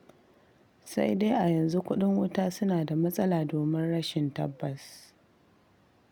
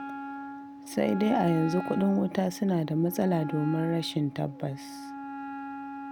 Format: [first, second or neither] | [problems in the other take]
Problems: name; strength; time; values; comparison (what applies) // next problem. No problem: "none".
first | background sound (Wind instrument, woodwind instrument); 10 dB below the speech